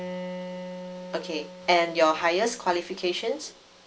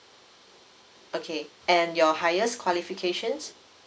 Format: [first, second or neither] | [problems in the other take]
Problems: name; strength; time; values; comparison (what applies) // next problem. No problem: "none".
second | background sound (Bowed string instrument); 12 dB below the speech